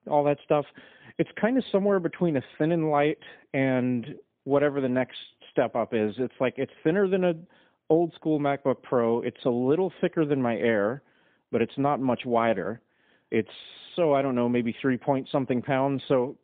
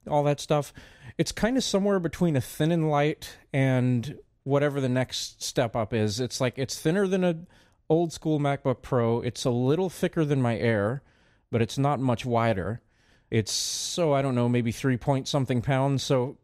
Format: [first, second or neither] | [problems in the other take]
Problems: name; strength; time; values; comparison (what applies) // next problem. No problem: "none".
second | phone-call audio; poor line; nothing above 3.5 kHz